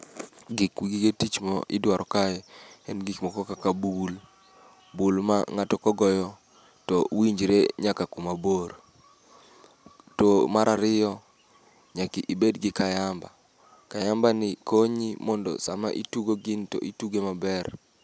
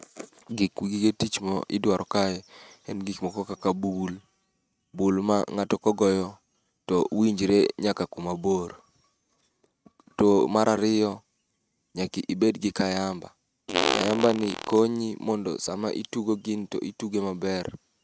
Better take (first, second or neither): first